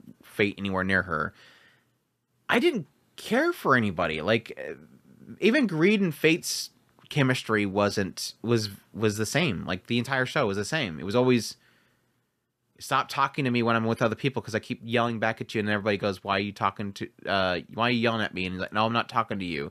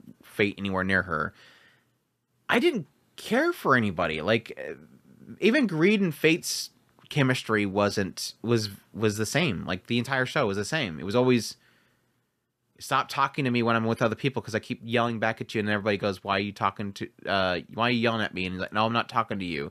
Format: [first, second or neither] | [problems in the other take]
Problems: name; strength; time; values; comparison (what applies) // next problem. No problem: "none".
neither | none